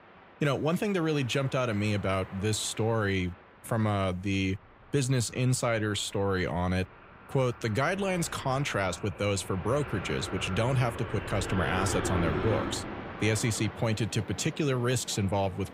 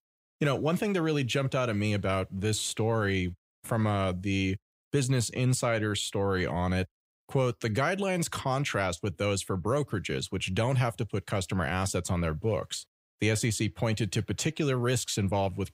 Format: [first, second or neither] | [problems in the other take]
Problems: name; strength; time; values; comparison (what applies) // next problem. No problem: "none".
second | train or aircraft noise; loud; throughout; 9 dB below the speech